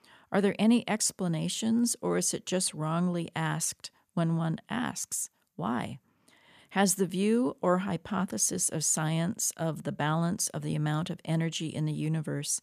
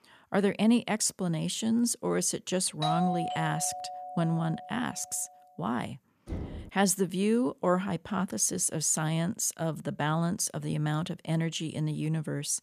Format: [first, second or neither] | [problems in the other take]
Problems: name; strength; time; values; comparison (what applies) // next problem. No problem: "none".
first | doorbell; noticeable; from 3 to 5 s; peak 2 dB below the speech // door banging; noticeable; at 6.5 s; peak 10 dB below the speech